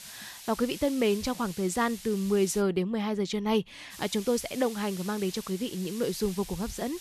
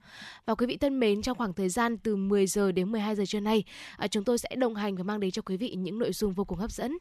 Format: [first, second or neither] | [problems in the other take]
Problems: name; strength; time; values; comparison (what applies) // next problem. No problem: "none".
second | hiss; noticeable; until 2.5 s and from 4 s on; 15 dB below the speech